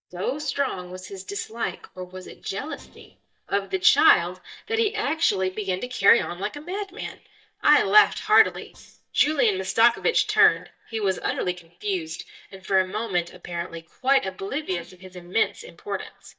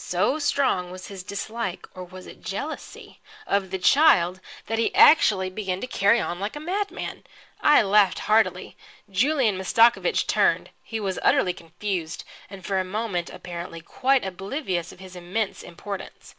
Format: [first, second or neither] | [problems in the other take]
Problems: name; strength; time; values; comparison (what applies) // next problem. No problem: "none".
second | noise reduction (neural mask model DeepFilterNet 3)